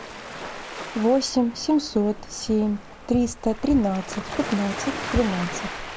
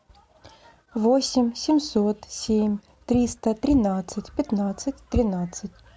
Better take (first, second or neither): second